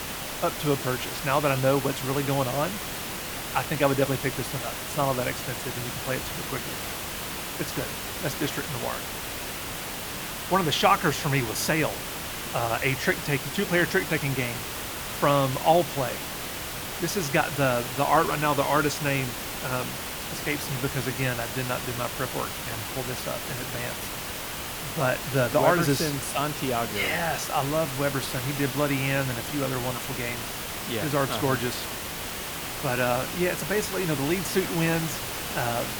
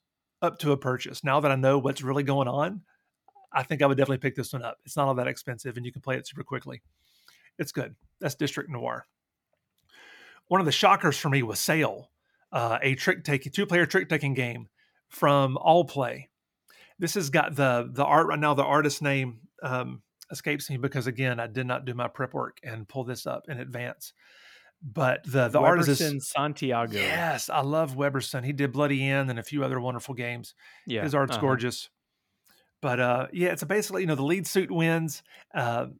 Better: second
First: hiss; loud; throughout; 4 dB below the speech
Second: none

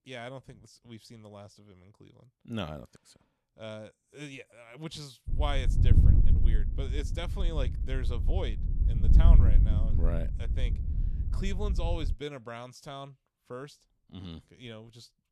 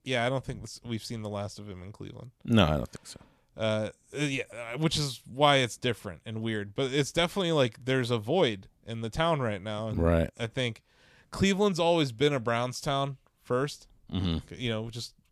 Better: second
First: wind noise on the microphone; heavy; from 5.5 to 12 s; 4 dB below the speech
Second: none

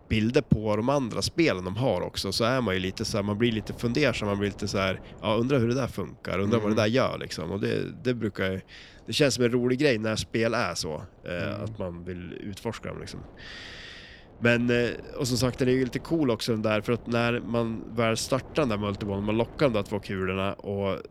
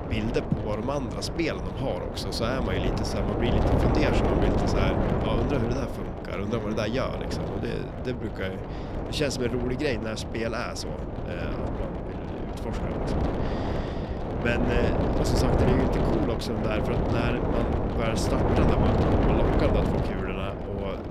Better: first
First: wind noise on the microphone; occasional gusts; 25 dB below the speech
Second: wind noise on the microphone; heavy; 1 dB above the speech

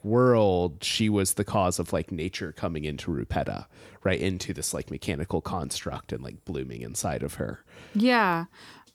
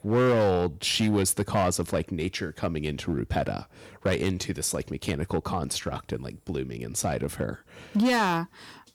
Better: first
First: none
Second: distortion; slight; 5% of the sound clipped

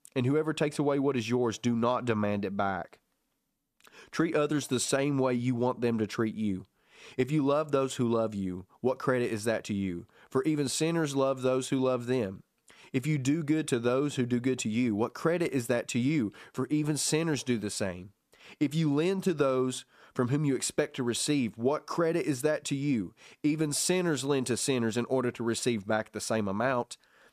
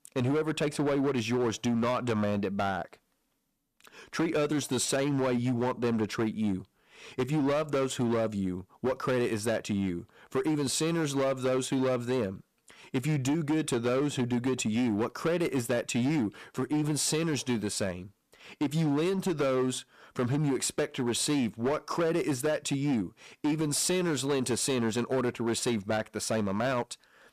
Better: first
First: none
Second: distortion; slight; 14% of the sound clipped

